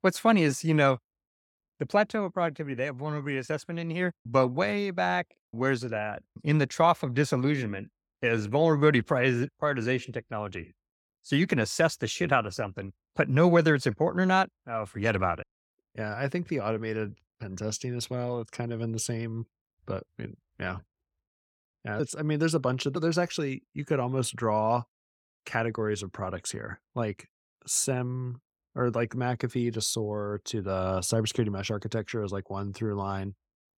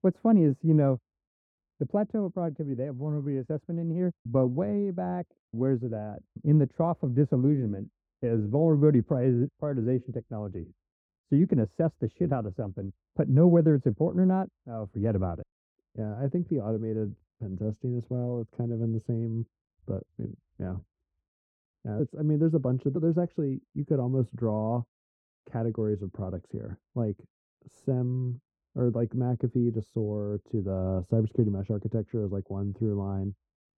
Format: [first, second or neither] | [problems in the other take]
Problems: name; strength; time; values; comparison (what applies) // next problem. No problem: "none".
first | muffled; very; fading above 1 kHz